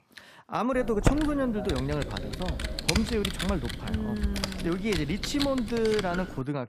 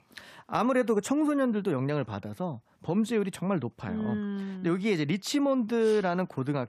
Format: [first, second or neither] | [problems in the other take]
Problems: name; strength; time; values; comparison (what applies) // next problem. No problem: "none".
second | keyboard typing; loud; from 1 s on; peak 2 dB above the speech